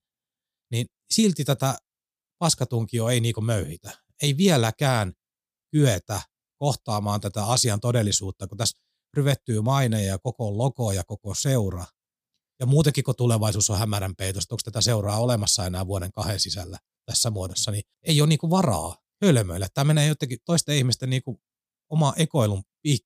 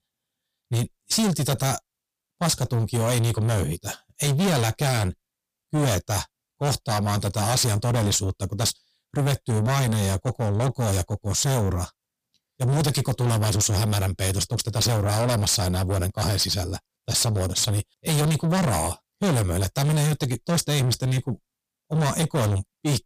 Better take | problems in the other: first | distortion; heavy; 5 dB below the speech

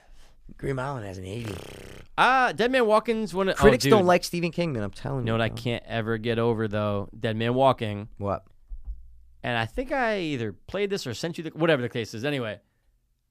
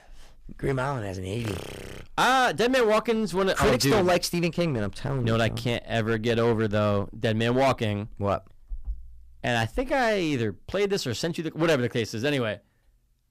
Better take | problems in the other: first | distortion; heavy; 10% of the sound clipped

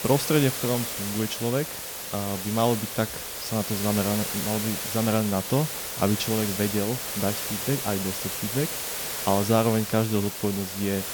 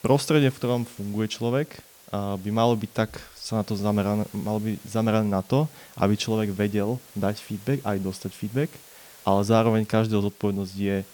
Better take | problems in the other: second | hiss; loud; throughout; 3 dB below the speech; faint in the second

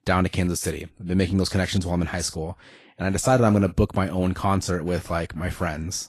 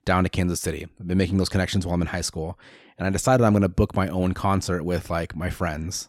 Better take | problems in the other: second | garbled, watery; slightly; nothing above 12 kHz

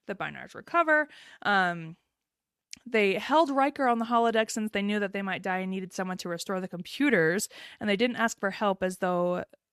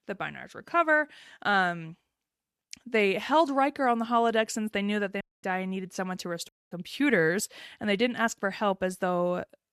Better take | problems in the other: first | audio cutting out; at 5 s and at 6.5 s

